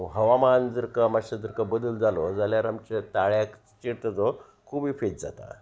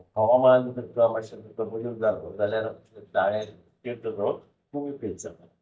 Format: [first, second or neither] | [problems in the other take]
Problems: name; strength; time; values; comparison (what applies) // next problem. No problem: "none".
first | noise reduction (neural mask model DeepFilterNet 3)